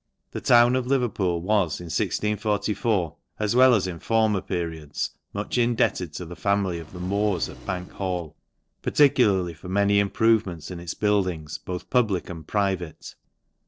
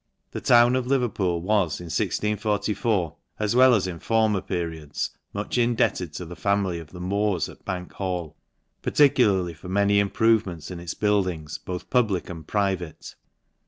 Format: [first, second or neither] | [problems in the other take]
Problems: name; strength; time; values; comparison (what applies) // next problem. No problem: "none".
second | noise reduction (neural separator model SepFormer DNS4)